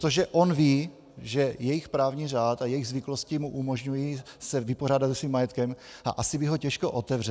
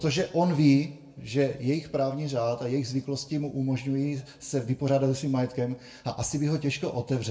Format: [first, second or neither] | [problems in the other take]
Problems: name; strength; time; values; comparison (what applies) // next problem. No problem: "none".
first | room echo; dies away in 0.5 s